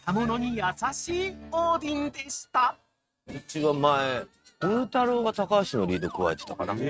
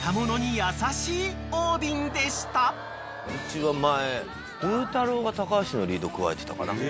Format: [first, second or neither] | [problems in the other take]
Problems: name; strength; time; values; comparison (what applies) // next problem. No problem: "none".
second | noise reduction (neural mask model RNNoise)